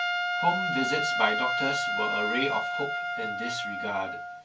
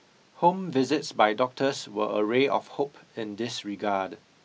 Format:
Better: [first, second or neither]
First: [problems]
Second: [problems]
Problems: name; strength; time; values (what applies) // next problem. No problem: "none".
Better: second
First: background sound (Trumpet); 2 dB above the speech // room echo; dies away in 0.2 s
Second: none